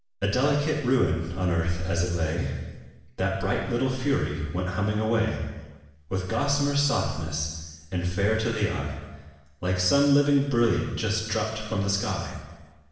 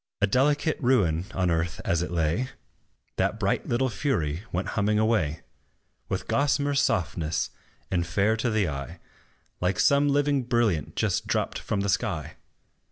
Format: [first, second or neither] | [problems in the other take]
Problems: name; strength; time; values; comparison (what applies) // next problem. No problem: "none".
second | room echo; dies away in 1.1 s